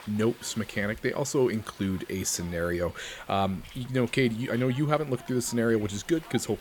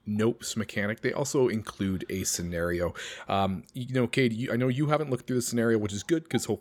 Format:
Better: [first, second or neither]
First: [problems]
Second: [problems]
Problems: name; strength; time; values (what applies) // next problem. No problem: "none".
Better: second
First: hiss; faint; throughout; 20 dB below the speech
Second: none